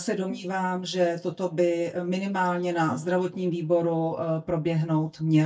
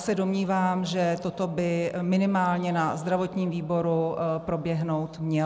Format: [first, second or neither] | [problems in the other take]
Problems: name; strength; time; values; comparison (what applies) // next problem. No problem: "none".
second | noise reduction (neural mask model DeepFilterNet 3)